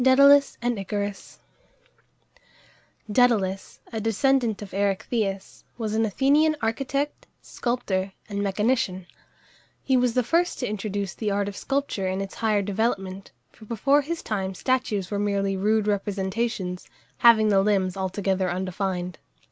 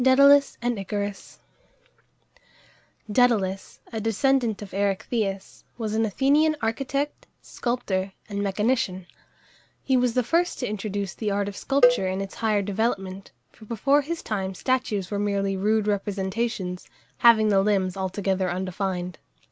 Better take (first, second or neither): first